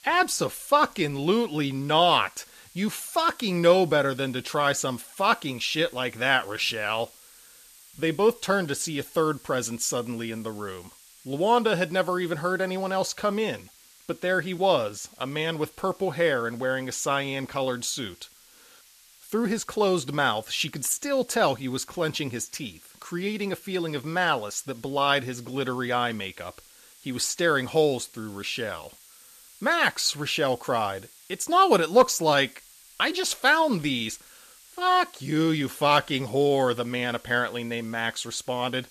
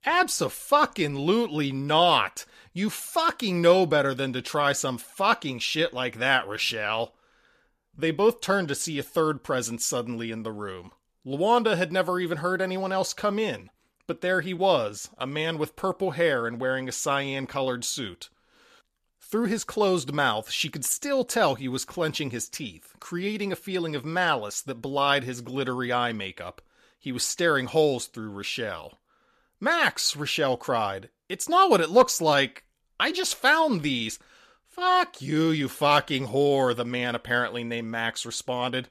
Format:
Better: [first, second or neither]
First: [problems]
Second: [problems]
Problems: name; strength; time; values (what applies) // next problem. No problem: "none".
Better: second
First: hiss; faint; throughout; 25 dB below the speech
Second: none